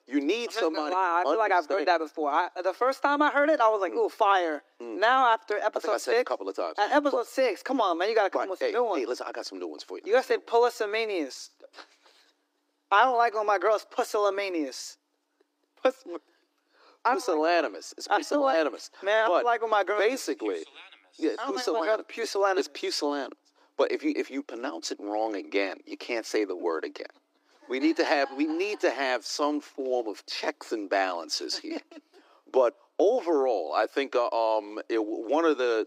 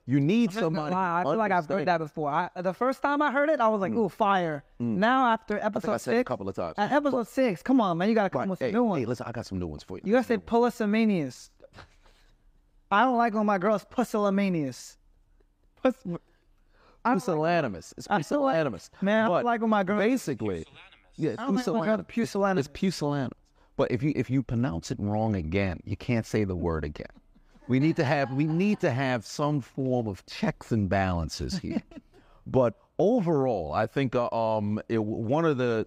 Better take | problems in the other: second | thin; somewhat; fading below 300 Hz

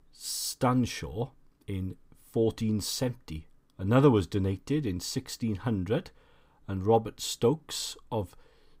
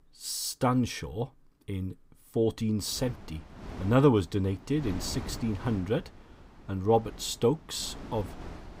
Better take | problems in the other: first | wind noise on the microphone; occasional gusts; from 3 s on; 15 dB below the speech

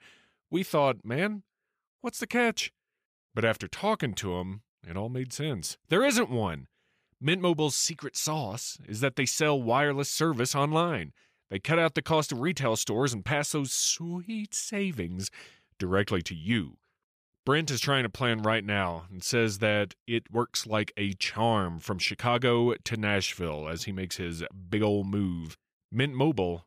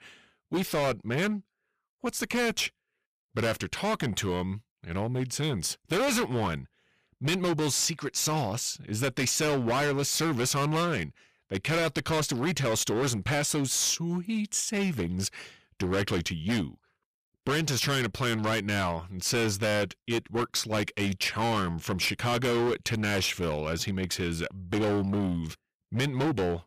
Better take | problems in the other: first | distortion; heavy; 18% of the sound clipped

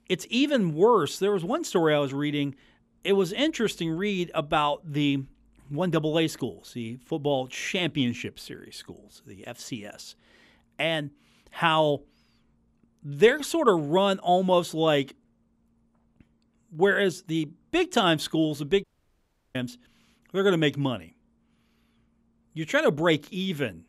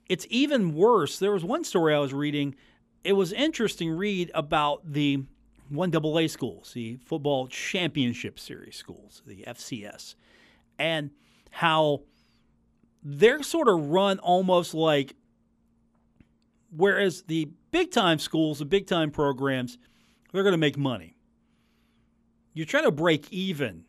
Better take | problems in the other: second | audio cutting out; at 19 s for 0.5 s

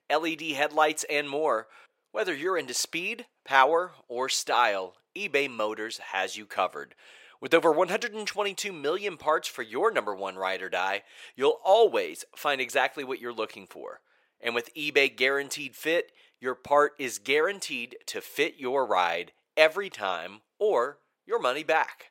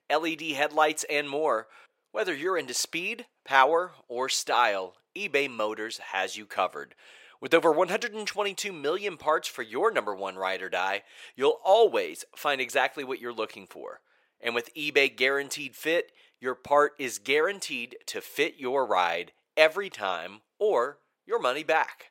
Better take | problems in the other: neither | thin; very; fading below 550 Hz; the same in both

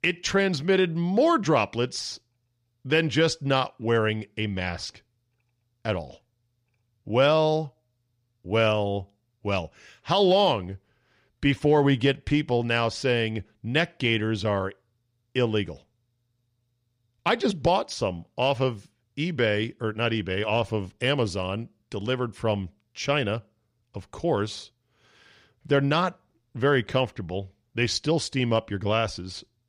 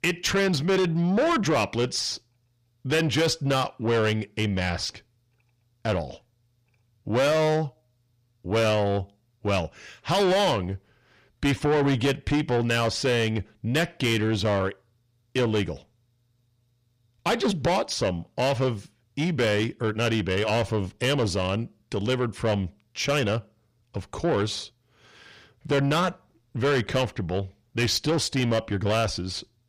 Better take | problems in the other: first | distortion; heavy; 8 dB below the speech

